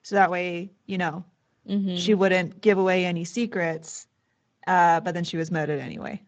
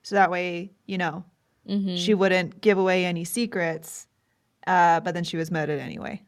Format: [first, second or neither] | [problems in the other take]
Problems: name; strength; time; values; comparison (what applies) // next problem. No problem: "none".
second | garbled, watery; slightly; nothing above 7.5 kHz